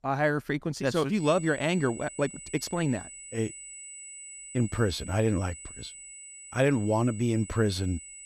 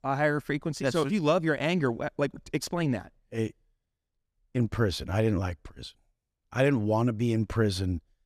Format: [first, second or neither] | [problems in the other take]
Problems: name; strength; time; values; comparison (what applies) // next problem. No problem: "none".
second | high-pitched whine; noticeable; from 1 s on; 8 kHz, 15 dB below the speech